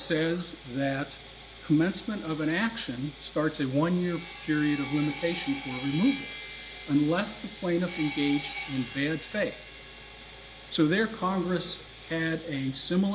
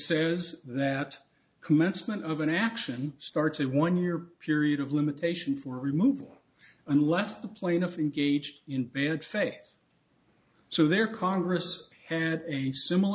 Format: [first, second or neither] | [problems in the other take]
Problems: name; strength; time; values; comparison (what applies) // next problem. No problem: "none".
second | background sound (Sawing); 13 dB below the speech